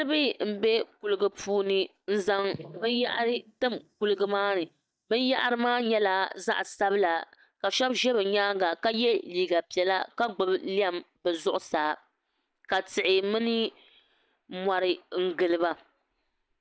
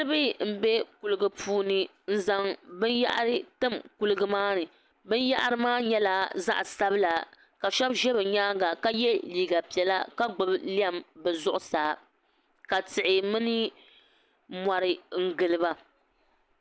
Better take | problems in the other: second | noise reduction (neural mask model DeepFilterNet 3)

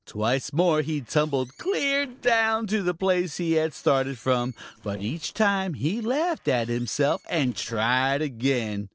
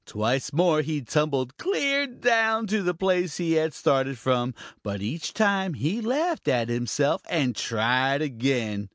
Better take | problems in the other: second | noise reduction (neural separator model SepFormer DNS4)

